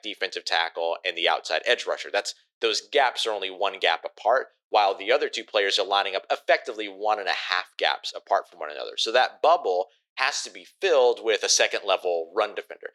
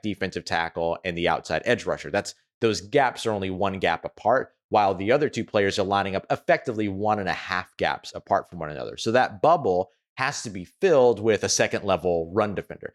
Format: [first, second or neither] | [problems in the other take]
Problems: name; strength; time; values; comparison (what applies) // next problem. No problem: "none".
second | thin; very; fading below 400 Hz